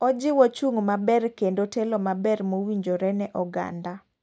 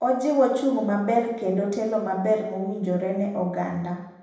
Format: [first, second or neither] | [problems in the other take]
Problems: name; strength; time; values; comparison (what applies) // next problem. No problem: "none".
first | room echo; dies away in 0.9 s